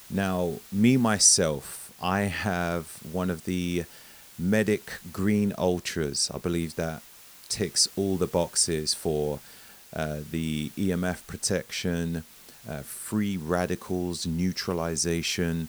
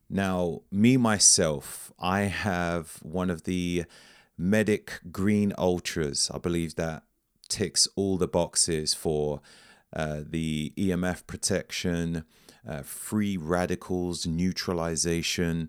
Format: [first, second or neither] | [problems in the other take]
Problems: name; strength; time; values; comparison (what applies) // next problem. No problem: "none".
second | hiss; faint; throughout; 20 dB below the speech